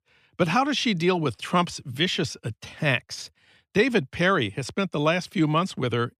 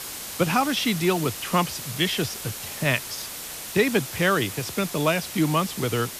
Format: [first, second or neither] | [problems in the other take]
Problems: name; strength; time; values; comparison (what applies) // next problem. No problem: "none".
first | hiss; loud; throughout; 8 dB below the speech